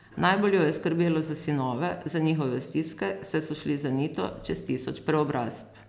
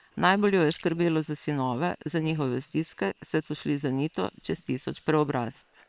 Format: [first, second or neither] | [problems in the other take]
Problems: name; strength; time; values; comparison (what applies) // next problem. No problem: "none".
first | noise reduction (neural separator model SepFormer WHAM!)